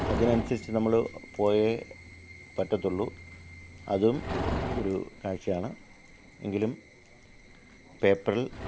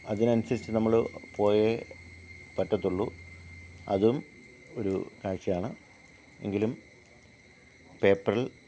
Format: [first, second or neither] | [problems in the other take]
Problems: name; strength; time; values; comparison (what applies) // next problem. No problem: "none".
second | background sound (Livestock, farm animals, working animals); 9 dB below the speech